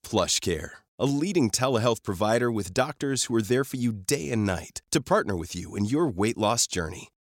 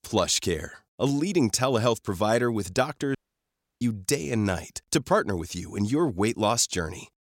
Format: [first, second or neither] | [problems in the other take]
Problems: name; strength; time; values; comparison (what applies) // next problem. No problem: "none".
first | audio cutting out; at 3 s for 0.5 s